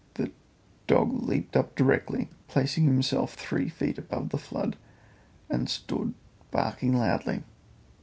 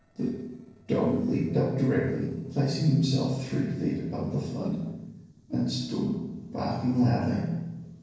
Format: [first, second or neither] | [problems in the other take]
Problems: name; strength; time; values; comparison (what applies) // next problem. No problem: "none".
first | noise reduction (neural separator model SepFormer DNS4)